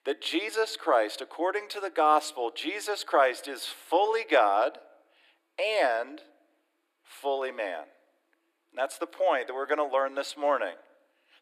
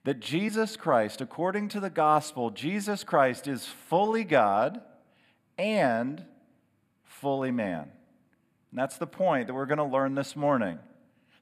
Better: second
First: thin; very; fading below 300 Hz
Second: none

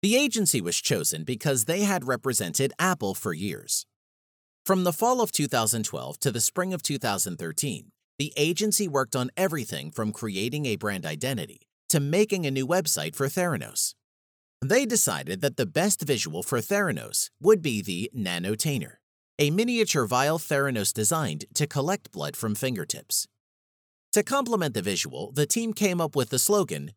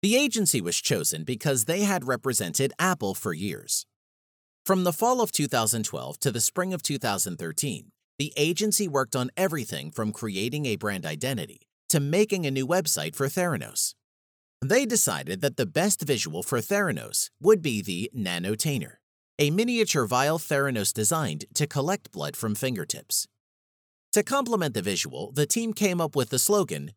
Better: neither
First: none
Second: none

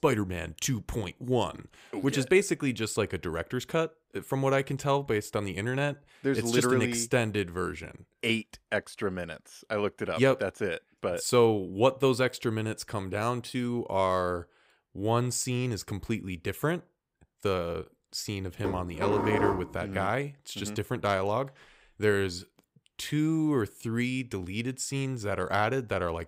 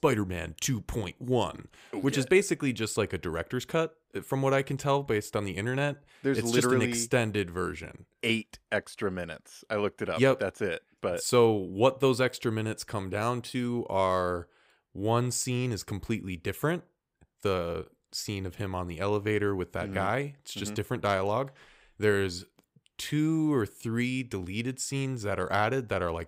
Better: second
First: clattering dishes; loud; from 19 to 20 s; peak 1 dB above the speech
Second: none

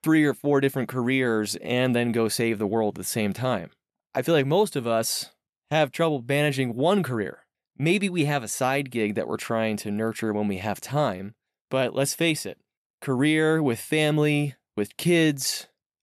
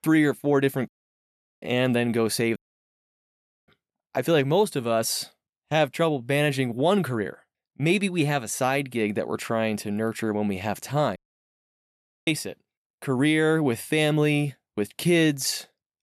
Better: first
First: none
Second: audio cutting out; at 1 s for 0.5 s, at 2.5 s for 1 s and at 11 s for 1 s

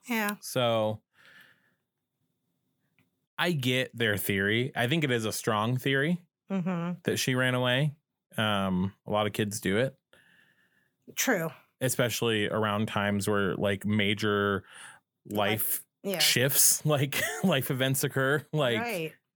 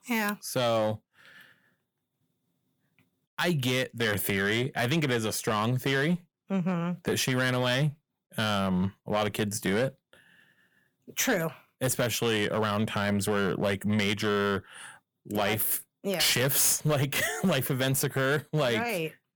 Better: first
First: none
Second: distortion; slight; 7% of the sound clipped

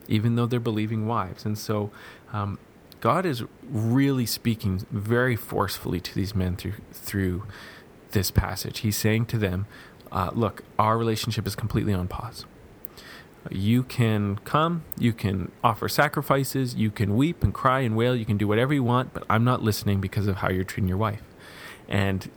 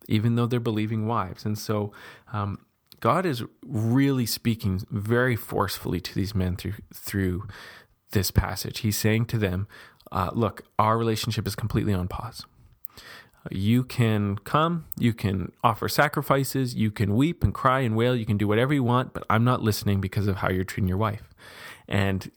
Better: second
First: hiss; faint; throughout; 25 dB below the speech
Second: none

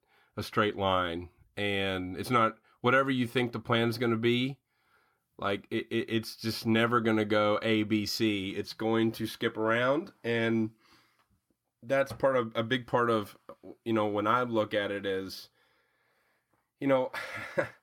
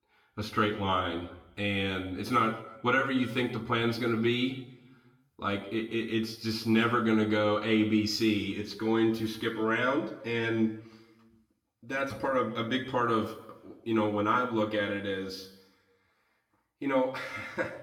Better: first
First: none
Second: room echo; noticeable; dies away in 0.8 s // off-mic speech; far

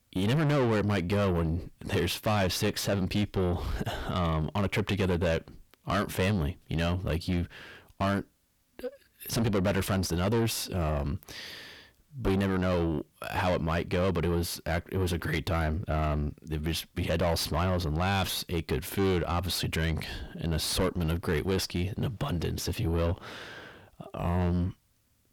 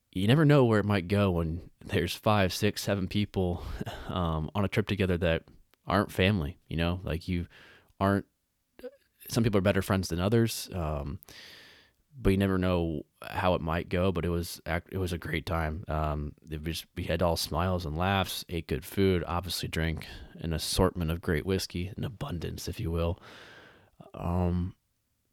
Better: second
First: distortion; heavy; 6 dB below the speech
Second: none

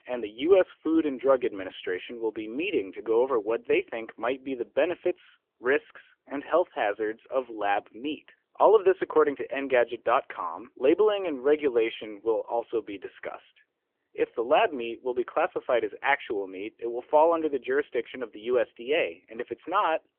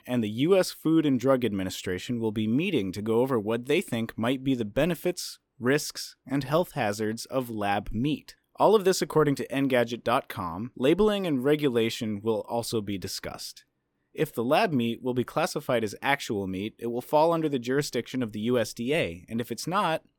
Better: second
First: phone-call audio; nothing above 3 kHz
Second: none

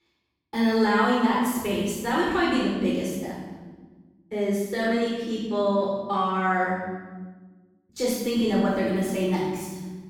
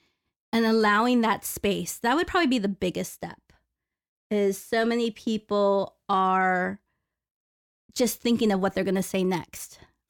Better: second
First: off-mic speech; far // room echo; strong; dies away in 1.2 s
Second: none

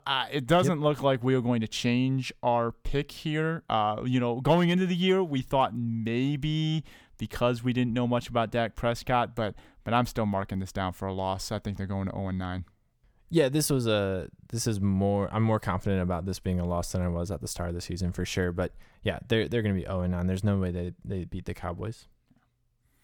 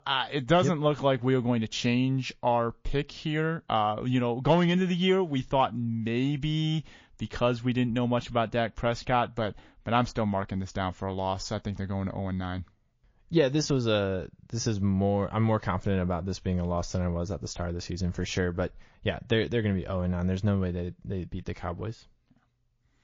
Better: first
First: none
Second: garbled, watery; slightly; nothing above 6.5 kHz

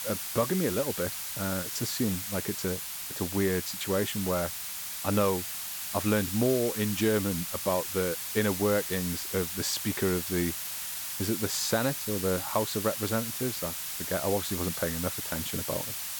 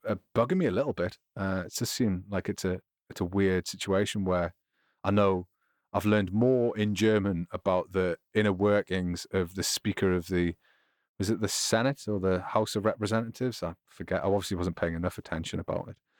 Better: second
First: hiss; loud; throughout; 2 dB below the speech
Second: none

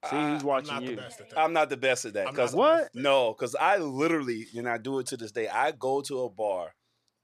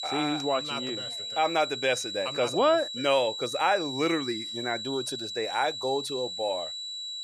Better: first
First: none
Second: high-pitched whine; loud; throughout; 4 kHz, 5 dB below the speech

